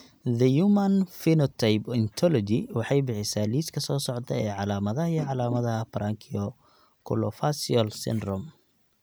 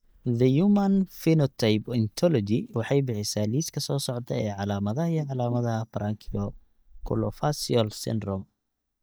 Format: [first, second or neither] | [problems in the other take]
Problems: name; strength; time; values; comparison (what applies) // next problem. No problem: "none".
first | noise reduction (neural mask model DeepFilterNet 3)